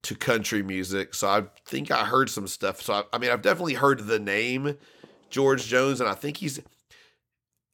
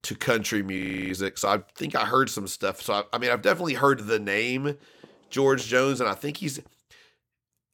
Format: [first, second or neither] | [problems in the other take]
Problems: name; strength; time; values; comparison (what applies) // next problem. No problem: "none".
first | audio freezing; at 1 s